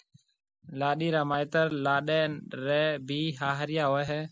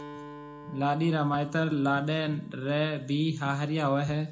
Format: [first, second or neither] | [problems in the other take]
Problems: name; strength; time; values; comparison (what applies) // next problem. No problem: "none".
first | background sound (Acoustic guitar); 20 dB below the speech // room echo; dies away in 0.3 s